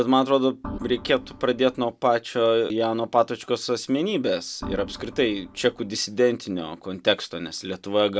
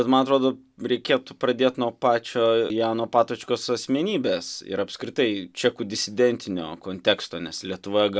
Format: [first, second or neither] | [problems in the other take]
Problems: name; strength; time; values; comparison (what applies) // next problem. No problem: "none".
second | background sound (Organ); 14 dB below the speech